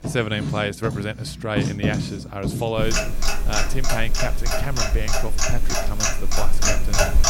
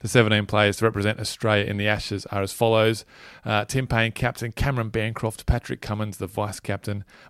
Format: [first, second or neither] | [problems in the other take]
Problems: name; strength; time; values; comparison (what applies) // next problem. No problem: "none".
second | household noises; very loud; throughout; 4 dB above the speech